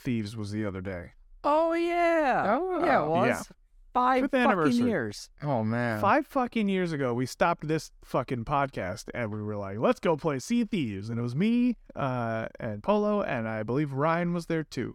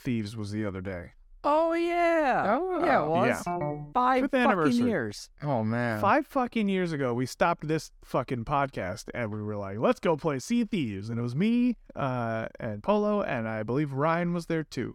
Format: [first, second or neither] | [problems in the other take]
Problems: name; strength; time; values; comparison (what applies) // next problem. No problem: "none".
first | phone ringing; noticeable; at 3.5 s; peak 4 dB below the speech